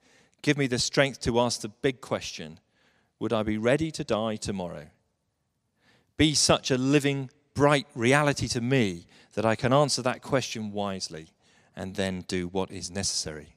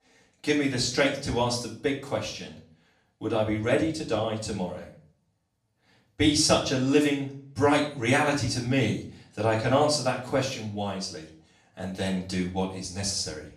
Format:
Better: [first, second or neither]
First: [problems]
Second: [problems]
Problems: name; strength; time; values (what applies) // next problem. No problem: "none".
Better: first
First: none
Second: off-mic speech; far // room echo; slight; dies away in 0.4 s